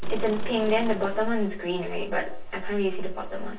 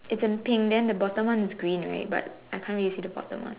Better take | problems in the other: second | background sound (Engine / Car); 14 dB below the speech // room echo; dies away in 0.2 s

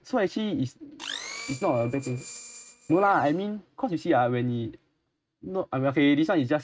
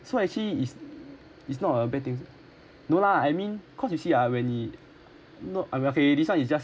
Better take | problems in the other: second | noise reduction (neural mask model RNNoise)

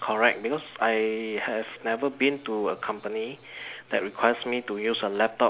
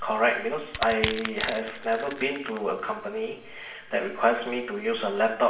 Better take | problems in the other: first | background sound (Crushing); 10 dB below the speech // room echo; dies away in 0.7 s

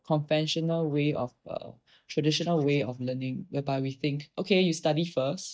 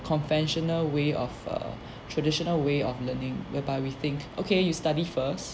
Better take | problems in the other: second | noise reduction (neural mask model DeepFilterNet 3)

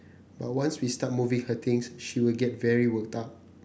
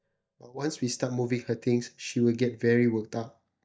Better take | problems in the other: first | noise reduction (neural mask model DeepFilterNet 3)

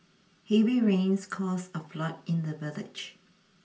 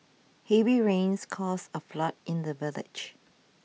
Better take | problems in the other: second | room echo; dies away in 0.3 s

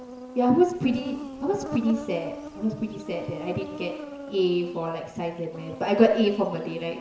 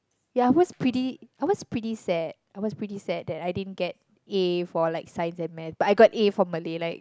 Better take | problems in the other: second | background sound (Insect); 13 dB below the speech // room echo; dies away in 0.9 s

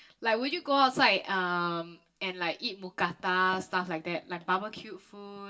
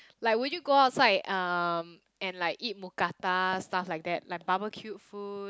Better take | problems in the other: second | room echo; dies away in 0.2 s

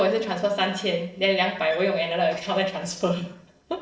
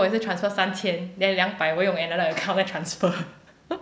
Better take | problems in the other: second | noise reduction (neural separator model SepFormer DNS4)

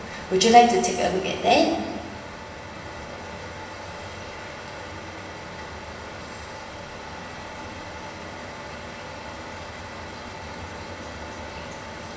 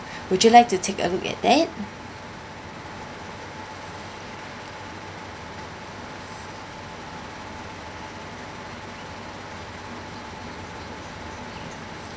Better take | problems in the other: second | room echo; dies away in 1.3 s

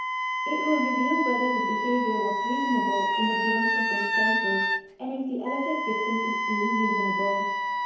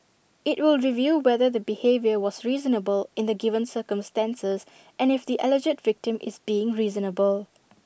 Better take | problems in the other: second | background sound (Wind instrument, woodwind instrument); 3 dB above the speech // room echo; dies away in 1 s

